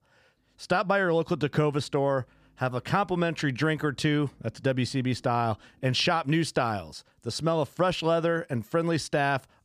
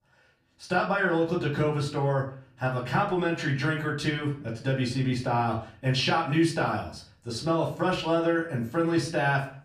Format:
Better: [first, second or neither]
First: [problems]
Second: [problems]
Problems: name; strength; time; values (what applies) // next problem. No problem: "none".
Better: first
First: none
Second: room echo; slight; dies away in 0.4 s // off-mic speech; far